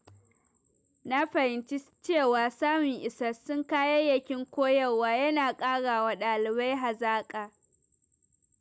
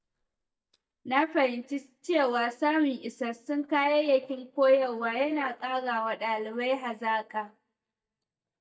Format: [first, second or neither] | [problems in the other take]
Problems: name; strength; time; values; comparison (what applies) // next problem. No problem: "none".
first | noise reduction (neural mask model DeepFilterNet 3)